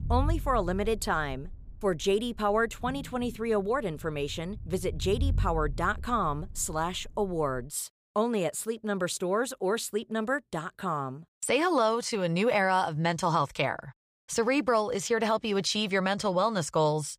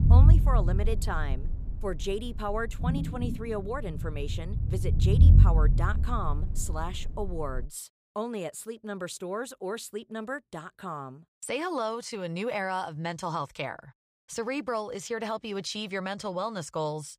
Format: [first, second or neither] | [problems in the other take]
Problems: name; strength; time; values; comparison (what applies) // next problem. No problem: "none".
first | low rumble; loud; until 7.5 s; 7 dB below the speech; faint in the first